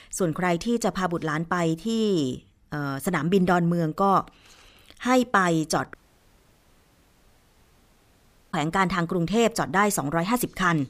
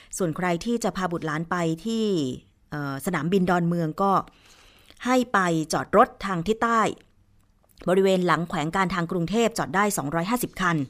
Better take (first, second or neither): second